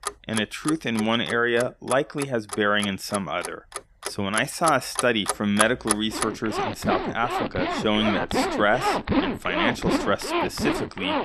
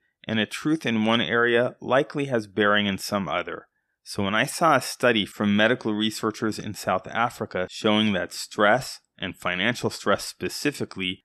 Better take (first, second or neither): second